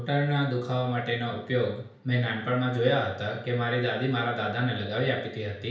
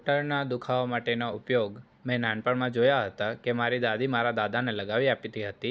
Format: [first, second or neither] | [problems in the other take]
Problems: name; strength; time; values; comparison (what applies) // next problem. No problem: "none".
second | room echo; dies away in 0.5 s